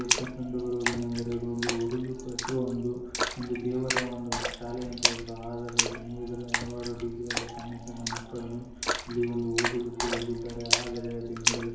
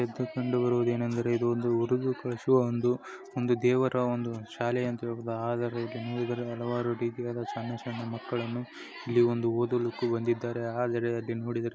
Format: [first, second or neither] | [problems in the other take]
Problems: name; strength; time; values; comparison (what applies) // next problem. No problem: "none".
second | background sound (Splash, splatter); as loud as the speech // room echo; dies away in 1 s